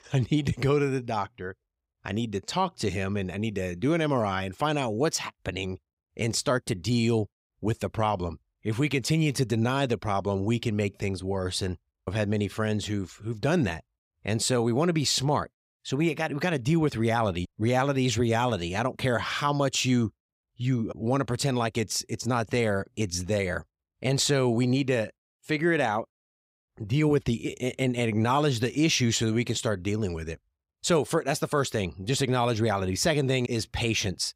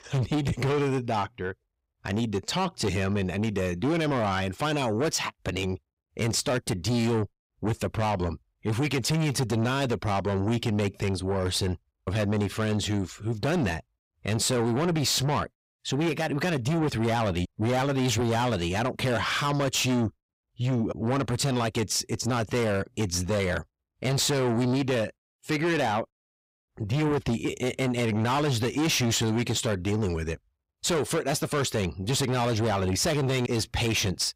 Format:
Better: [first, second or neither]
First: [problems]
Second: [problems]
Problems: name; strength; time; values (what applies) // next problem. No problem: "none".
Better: first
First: none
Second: distortion; heavy; 8 dB below the speech